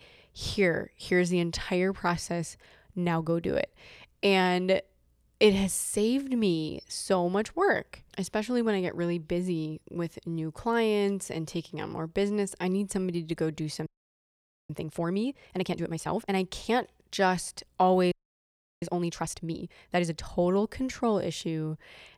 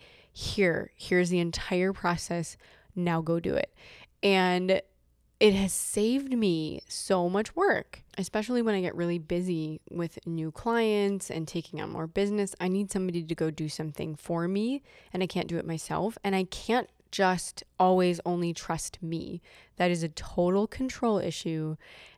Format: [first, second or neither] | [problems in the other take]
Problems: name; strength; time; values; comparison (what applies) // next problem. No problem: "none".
second | audio freezing; at 14 s for 1 s and at 18 s for 0.5 s